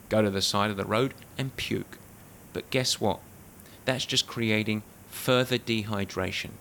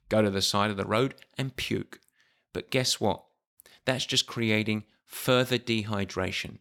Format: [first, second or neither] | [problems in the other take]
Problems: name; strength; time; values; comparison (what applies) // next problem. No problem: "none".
second | hiss; faint; throughout; 20 dB below the speech